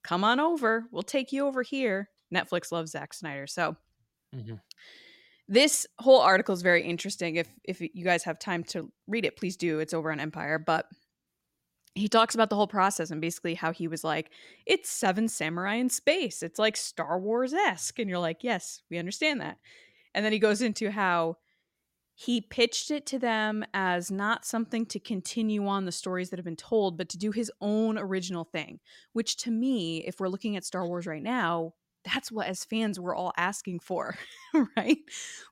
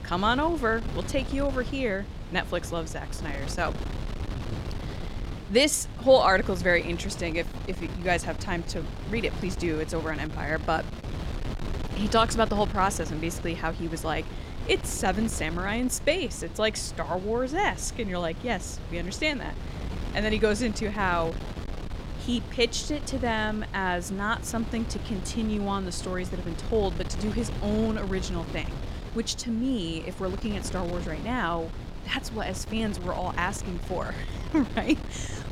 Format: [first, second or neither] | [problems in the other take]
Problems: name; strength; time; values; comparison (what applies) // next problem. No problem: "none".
first | wind noise on the microphone; occasional gusts; 15 dB below the speech